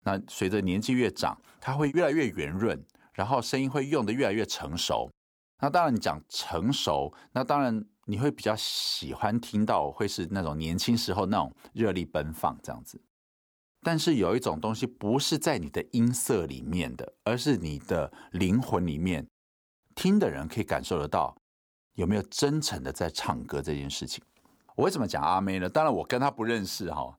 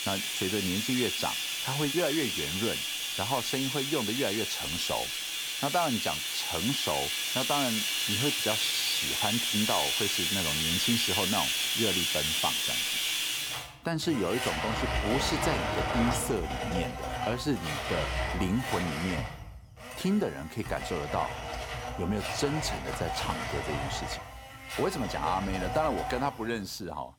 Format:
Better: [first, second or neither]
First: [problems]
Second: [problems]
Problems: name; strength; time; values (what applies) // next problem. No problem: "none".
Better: first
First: none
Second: household noises; very loud; throughout; 3 dB above the speech